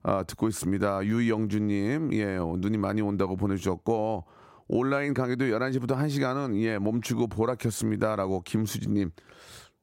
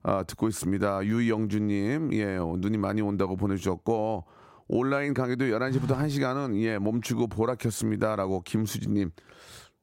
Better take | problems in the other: first | phone ringing; noticeable; at 5.5 s; peak 6 dB below the speech

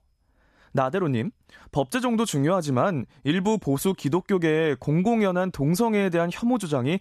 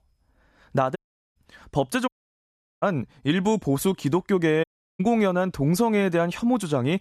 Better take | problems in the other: first | audio cutting out; at 1 s, at 2 s for 0.5 s and at 4.5 s

